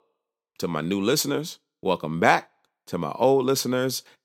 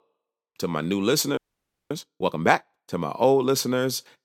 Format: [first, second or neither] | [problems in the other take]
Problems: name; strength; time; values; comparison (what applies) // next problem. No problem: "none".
first | audio freezing; at 1.5 s for 0.5 s